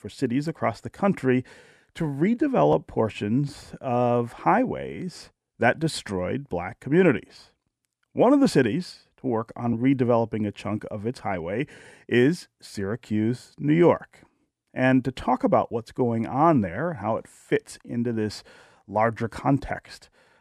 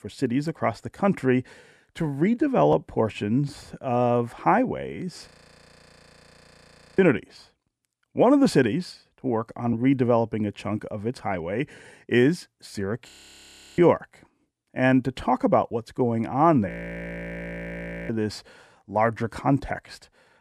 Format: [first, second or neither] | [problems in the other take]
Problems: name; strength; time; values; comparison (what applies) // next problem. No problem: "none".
first | audio freezing; at 5.5 s for 1.5 s, at 13 s for 0.5 s and at 17 s for 1.5 s